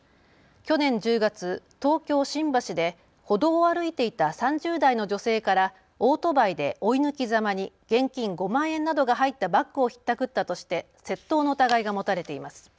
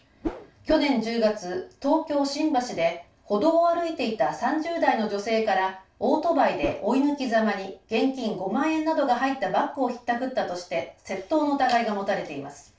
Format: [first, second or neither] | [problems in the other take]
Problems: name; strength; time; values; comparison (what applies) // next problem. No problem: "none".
first | background sound (Whoosh, swoosh, swish); 8 dB below the speech // room echo; dies away in 0.3 s